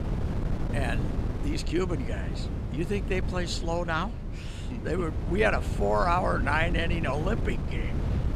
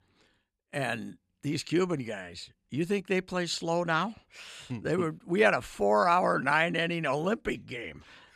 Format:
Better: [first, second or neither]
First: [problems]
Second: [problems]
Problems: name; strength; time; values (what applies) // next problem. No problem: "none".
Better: second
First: wind noise on the microphone; occasional gusts; 10 dB below the speech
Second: none